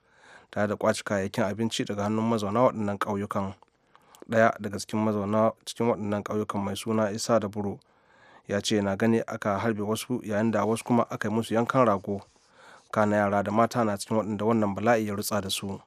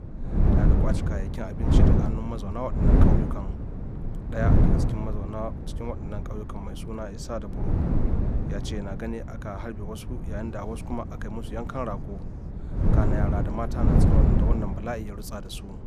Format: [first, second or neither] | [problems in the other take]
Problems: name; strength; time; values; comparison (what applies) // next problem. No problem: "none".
first | wind noise on the microphone; heavy; 2 dB above the speech